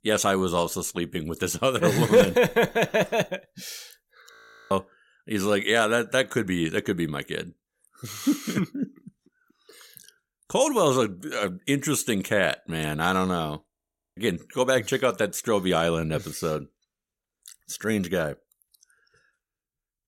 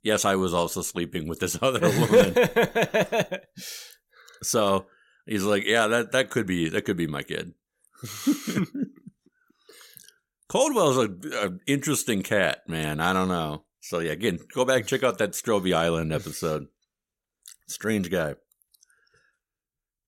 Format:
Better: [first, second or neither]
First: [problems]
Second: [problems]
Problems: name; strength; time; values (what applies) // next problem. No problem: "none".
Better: second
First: audio freezing; at 4.5 s and at 14 s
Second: none